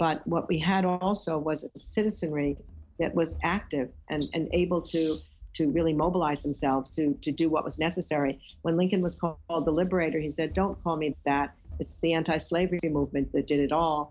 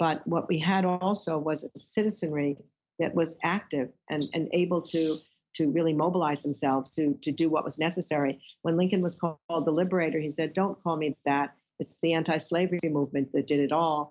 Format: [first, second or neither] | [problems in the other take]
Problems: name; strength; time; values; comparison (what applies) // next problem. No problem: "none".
second | background sound (Run); 18 dB below the speech